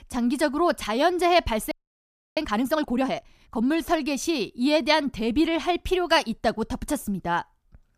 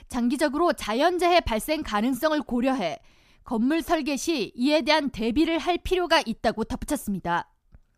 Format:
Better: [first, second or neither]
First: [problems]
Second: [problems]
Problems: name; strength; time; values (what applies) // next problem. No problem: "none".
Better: second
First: audio freezing; at 1.5 s for 0.5 s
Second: none